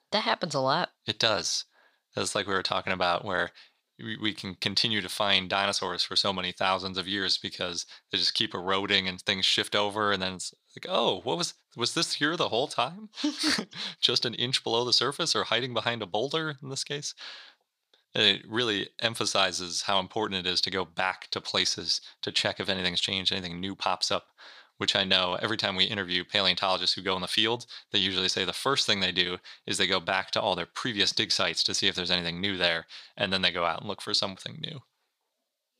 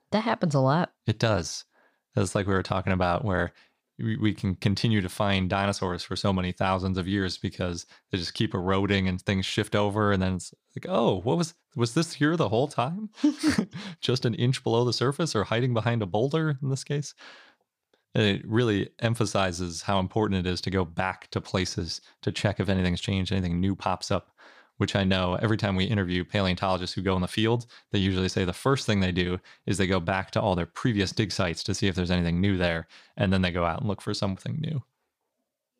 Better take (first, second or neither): second